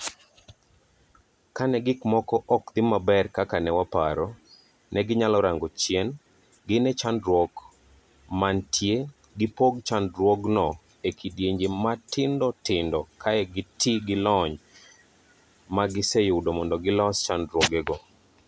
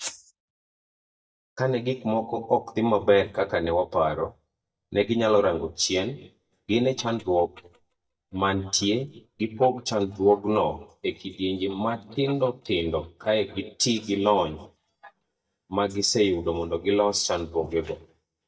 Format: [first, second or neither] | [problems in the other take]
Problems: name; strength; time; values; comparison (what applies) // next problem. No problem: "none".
first | noise reduction (neural mask model DeepFilterNet 3)